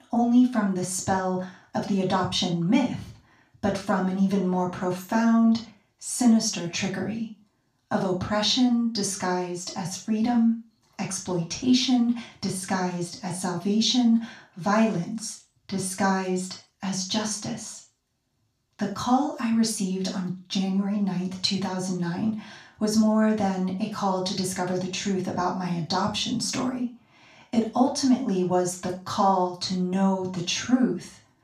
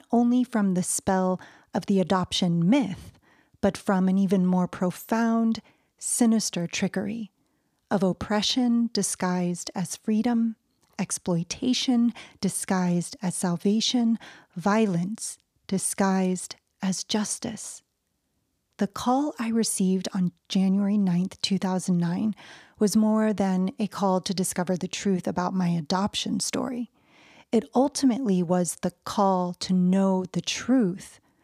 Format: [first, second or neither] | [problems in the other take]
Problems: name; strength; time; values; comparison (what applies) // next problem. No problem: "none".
second | room echo; slight; dies away in 0.3 s // off-mic speech; far